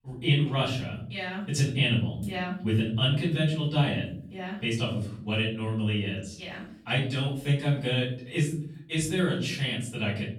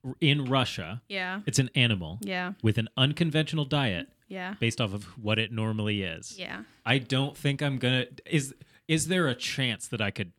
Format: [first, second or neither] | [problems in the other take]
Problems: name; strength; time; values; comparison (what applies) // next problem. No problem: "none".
second | room echo; noticeable; dies away in 0.6 s // off-mic speech; far